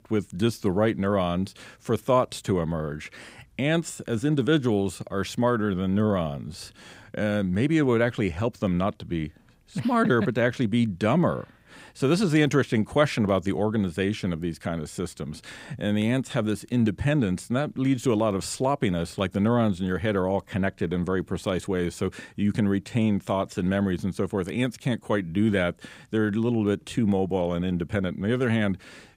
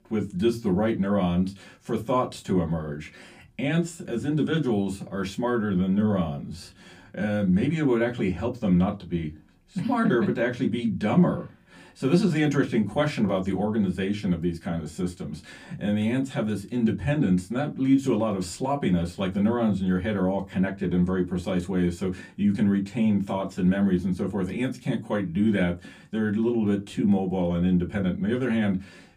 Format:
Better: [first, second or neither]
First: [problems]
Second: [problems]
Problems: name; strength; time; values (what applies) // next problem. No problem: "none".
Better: first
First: none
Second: off-mic speech; somewhat distant // room echo; very slight; dies away in 0.2 s